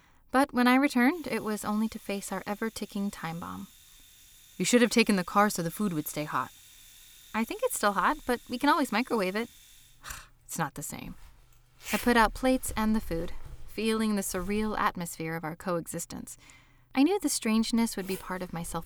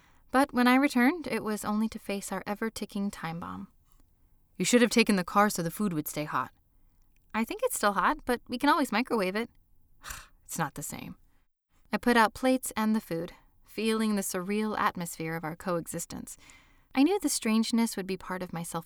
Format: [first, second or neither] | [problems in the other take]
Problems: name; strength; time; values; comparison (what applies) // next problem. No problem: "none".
second | household noises; noticeable; throughout; 20 dB below the speech